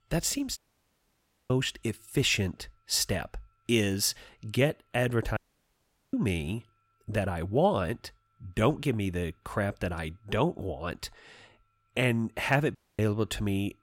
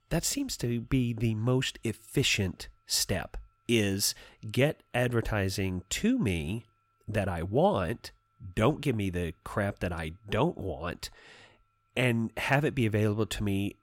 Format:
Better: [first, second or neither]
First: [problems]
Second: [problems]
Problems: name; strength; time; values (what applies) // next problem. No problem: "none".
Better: second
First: audio cutting out; at 0.5 s for 1 s, at 5.5 s for 1 s and at 13 s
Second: none